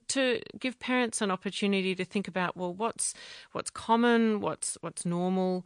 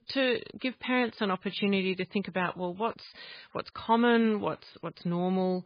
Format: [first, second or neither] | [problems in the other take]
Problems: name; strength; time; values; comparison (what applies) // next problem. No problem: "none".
first | garbled, watery; badly; slightly in the first